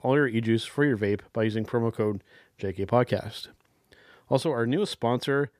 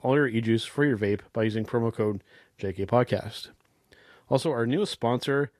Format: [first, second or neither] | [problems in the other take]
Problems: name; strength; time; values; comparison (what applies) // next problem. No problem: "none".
first | garbled, watery; slightly